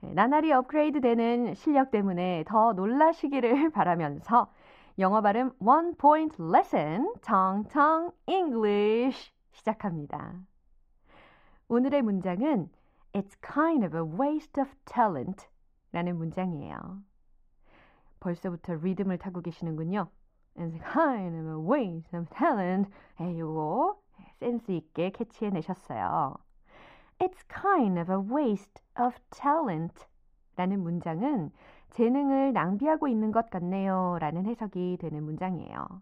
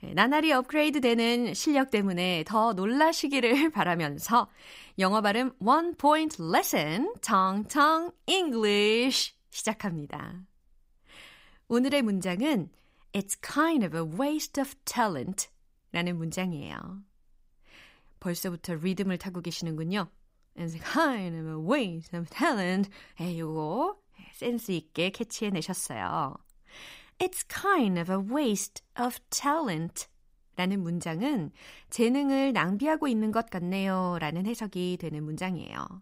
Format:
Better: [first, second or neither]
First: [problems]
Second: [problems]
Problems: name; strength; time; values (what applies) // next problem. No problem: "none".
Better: second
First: muffled; very; fading above 3.5 kHz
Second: none